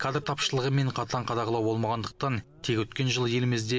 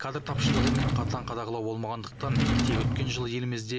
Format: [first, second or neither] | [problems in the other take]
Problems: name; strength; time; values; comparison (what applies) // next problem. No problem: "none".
first | background sound (Drawer open or close); 4 dB above the speech